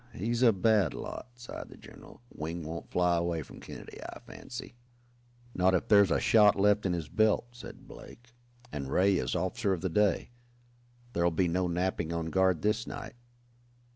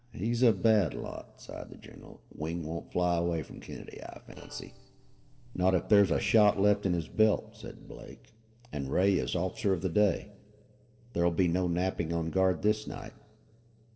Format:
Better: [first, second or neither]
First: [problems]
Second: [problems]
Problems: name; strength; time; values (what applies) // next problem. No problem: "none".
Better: first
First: none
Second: noise reduction (neural separator model SepFormer DNS4)